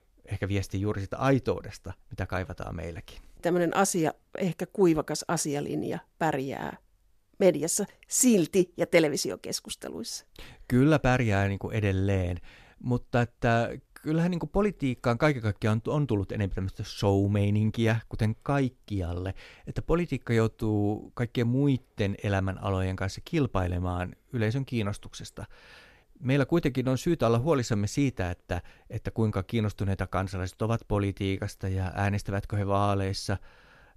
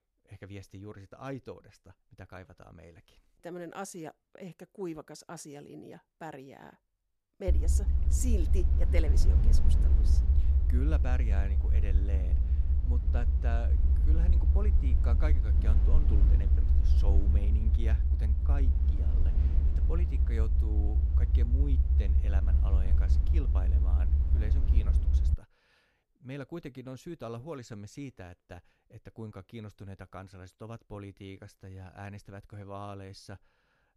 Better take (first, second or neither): first